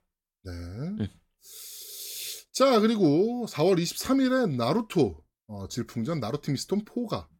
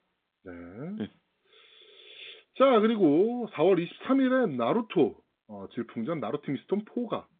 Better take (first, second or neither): first